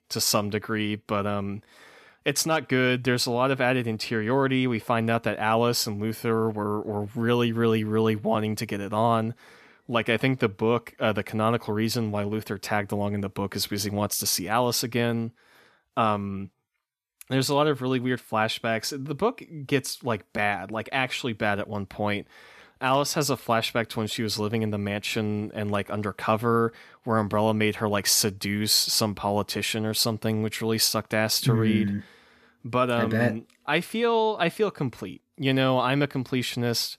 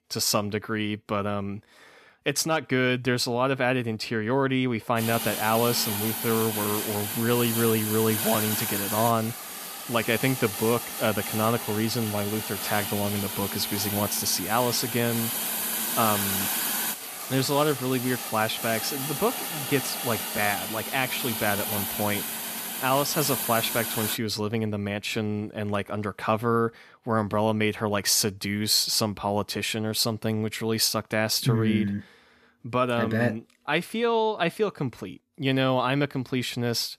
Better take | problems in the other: first | hiss; loud; from 5 to 24 s; 3 dB below the speech

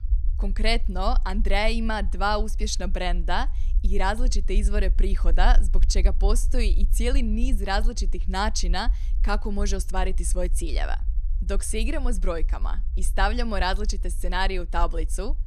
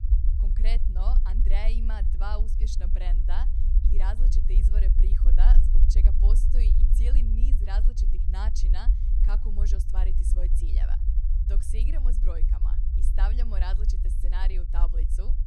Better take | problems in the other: first | low rumble; loud; throughout; 5 dB below the speech; faint in the first

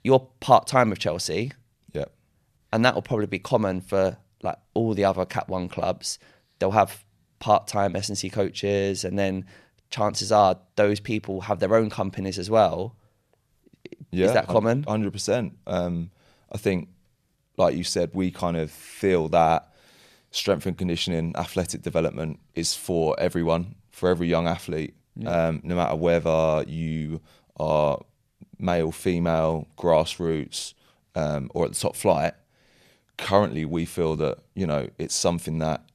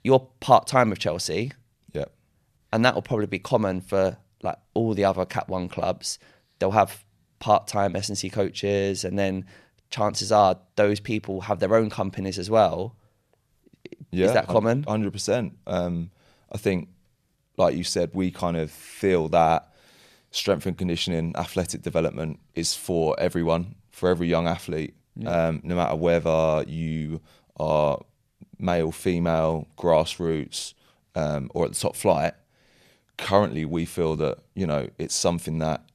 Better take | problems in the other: neither | none

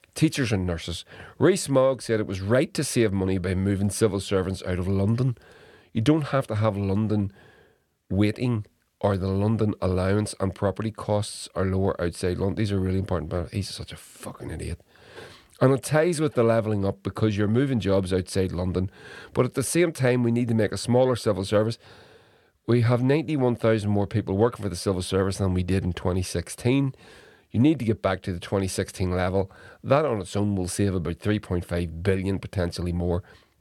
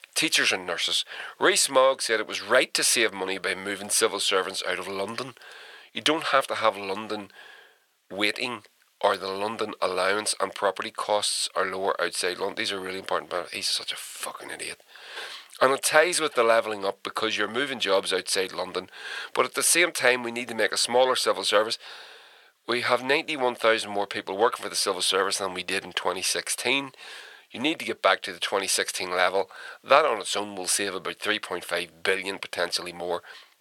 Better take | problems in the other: first | thin; very; fading below 800 Hz

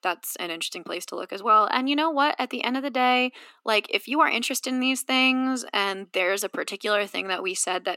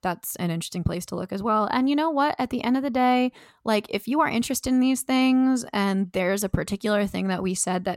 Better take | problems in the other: second | thin; very slightly; fading below 250 Hz

